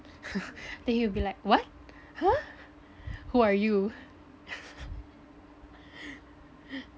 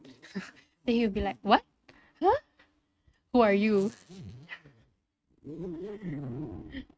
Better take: first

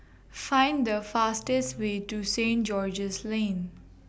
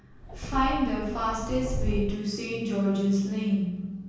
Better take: first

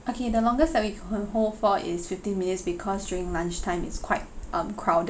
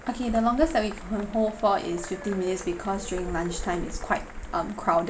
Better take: first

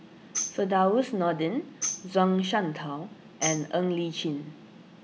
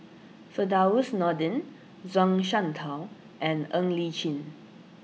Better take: second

